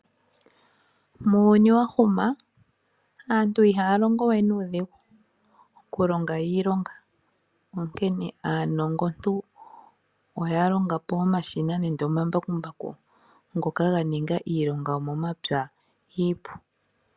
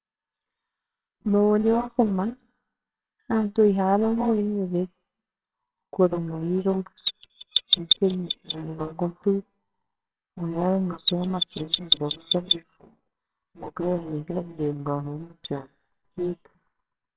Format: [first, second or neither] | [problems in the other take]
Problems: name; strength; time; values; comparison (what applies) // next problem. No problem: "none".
first | noise reduction (neural separator model SepFormer WHAMR!)